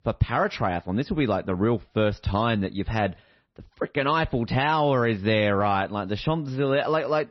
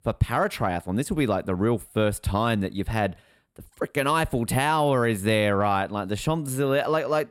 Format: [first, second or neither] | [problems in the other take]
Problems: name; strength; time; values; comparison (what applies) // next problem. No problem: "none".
second | garbled, watery; slightly; nothing above 6 kHz